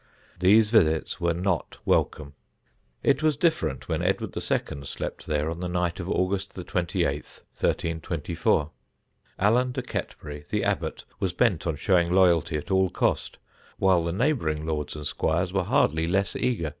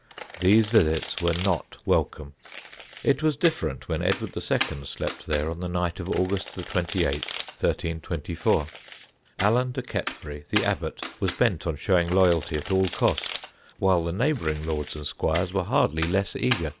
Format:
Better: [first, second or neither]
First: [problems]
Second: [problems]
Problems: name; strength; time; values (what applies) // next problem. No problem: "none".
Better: first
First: none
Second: background sound (Domestic sounds, home sounds); 13 dB below the speech